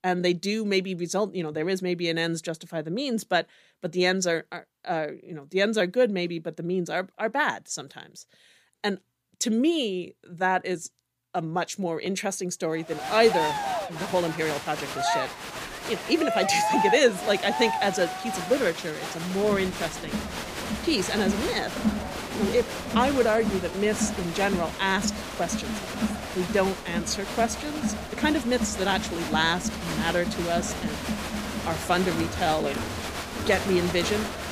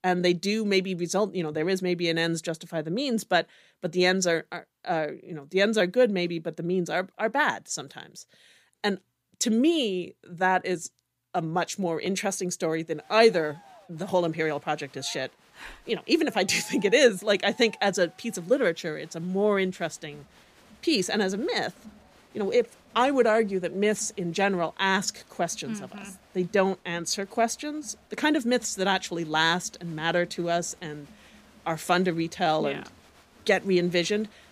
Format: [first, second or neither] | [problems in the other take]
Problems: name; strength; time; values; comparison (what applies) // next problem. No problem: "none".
second | crowd noise; loud; from 13 s on; 4 dB below the speech; faint in the second